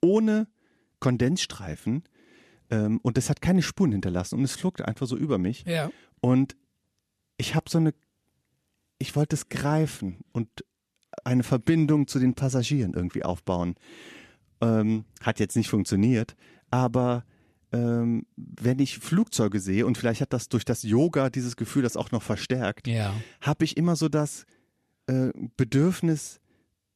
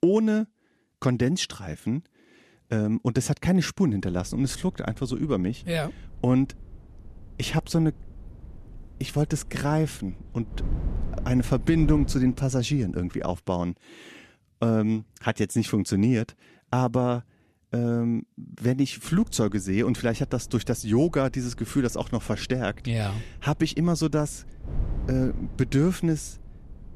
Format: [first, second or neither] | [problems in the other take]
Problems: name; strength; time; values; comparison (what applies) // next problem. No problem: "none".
first | wind noise on the microphone; occasional gusts; from 4 to 13 s and from 19 s on; 20 dB below the speech